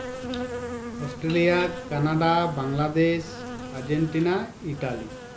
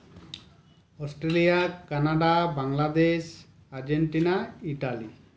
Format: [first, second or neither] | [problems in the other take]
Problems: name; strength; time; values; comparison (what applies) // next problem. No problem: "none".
second | background sound (Insect); 10 dB below the speech